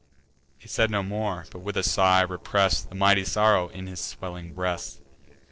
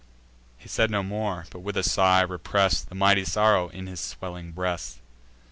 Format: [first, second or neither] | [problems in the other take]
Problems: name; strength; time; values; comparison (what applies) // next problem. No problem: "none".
second | noise reduction (neural separator model SepFormer DNS4)